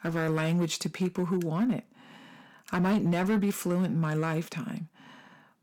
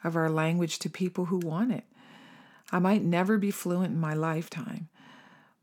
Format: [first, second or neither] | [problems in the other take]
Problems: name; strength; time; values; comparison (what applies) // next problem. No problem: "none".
second | distortion; slight; 6% of the sound clipped